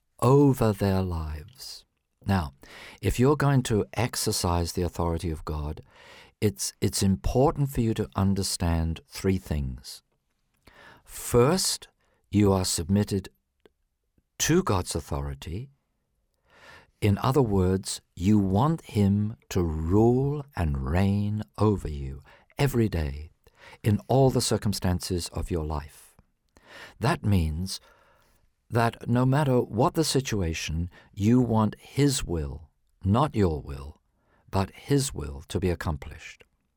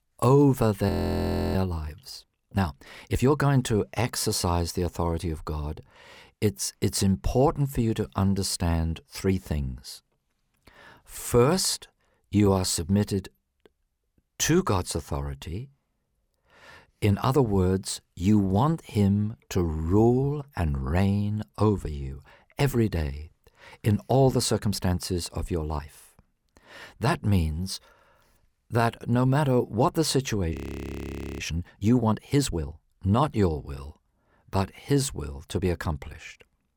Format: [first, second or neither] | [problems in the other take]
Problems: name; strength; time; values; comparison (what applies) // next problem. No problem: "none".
first | audio freezing; at 1 s for 0.5 s and at 31 s for 1 s